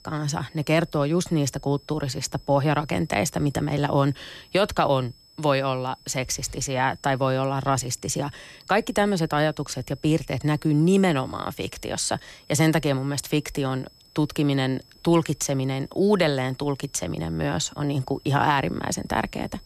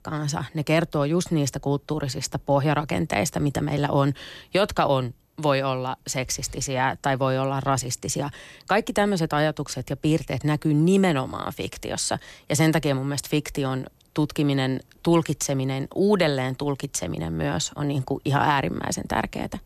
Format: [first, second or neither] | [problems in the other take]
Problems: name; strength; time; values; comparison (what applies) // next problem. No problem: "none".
second | high-pitched whine; faint; throughout; 5 kHz, 30 dB below the speech